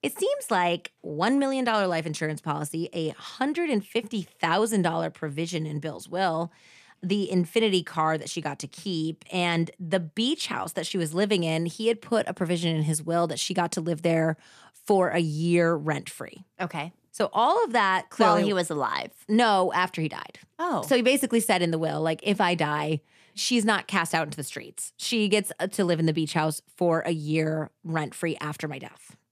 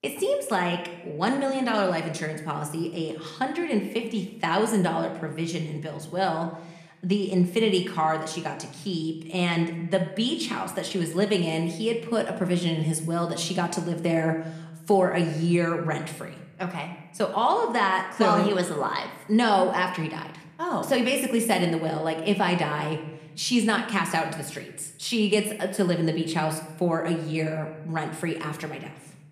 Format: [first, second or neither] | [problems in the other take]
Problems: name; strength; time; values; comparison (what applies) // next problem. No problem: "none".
first | room echo; slight; dies away in 0.8 s